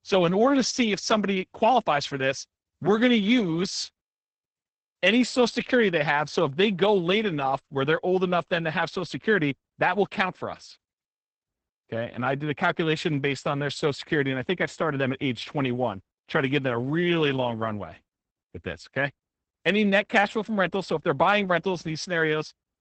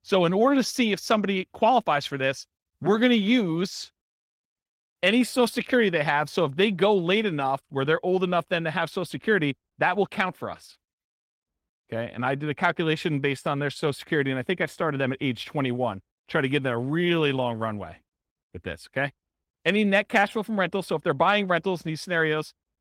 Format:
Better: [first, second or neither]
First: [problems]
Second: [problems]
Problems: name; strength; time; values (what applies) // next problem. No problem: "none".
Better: second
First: garbled, watery; badly; nothing above 8 kHz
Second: garbled, watery; slightly; nothing above 16.5 kHz